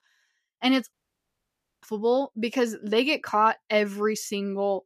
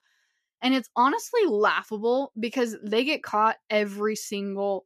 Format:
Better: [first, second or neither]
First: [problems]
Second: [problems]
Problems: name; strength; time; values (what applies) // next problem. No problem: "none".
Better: second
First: audio cutting out; at 1 s for 1 s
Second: none